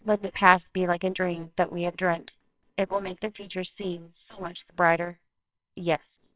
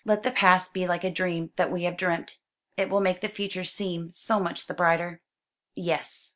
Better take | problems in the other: second | noise reduction (neural separator model SepFormer WHAMR!)

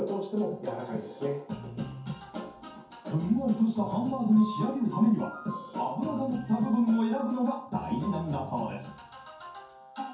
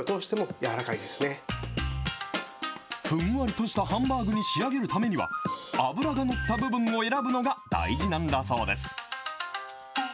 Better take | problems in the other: second | room echo; dies away in 0.6 s

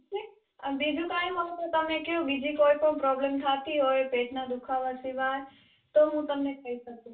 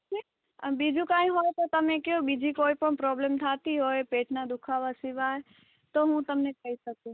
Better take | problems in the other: second | room echo; dies away in 0.3 s

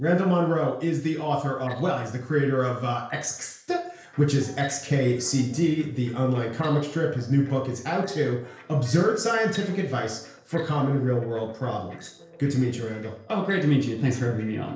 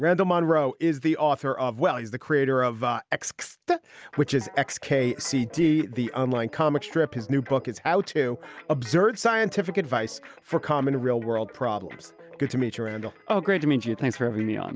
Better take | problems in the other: second | noise reduction (neural separator model SepFormer DNS4)

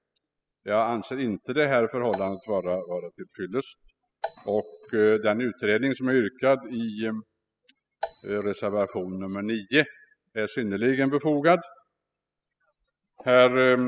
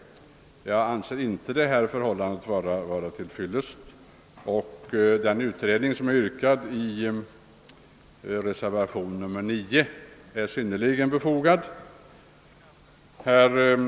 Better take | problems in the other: second | noise reduction (classical method spectral subtraction)

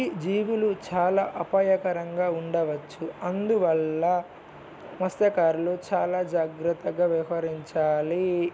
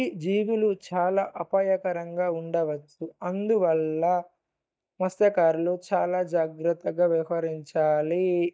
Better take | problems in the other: first | noise reduction (neural mask model DeepFilterNet 3)

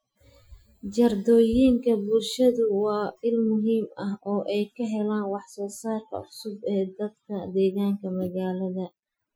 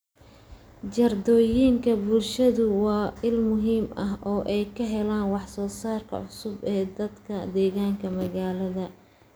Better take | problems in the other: second | noise reduction (classical method Wiener filter)

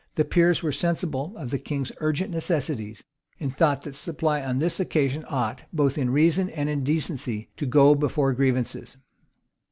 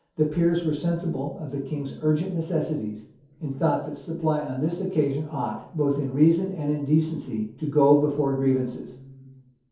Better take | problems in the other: first | room echo; dies away in 0.6 s

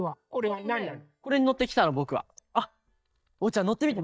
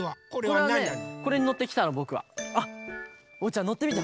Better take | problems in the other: second | noise reduction (neural mask model DeepFilterNet 3)

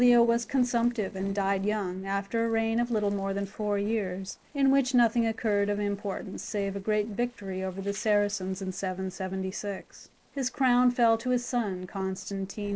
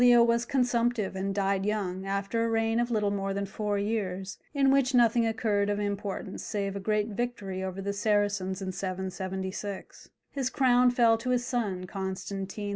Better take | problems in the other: second | noise reduction (neural separator model SepFormer DNS4)

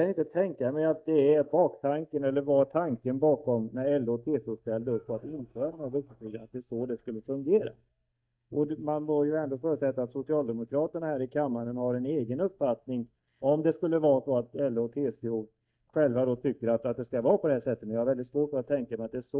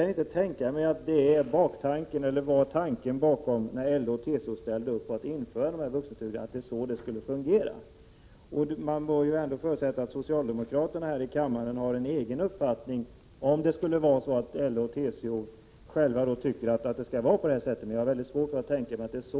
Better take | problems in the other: second | noise reduction (neural mask model DeepFilterNet 3)

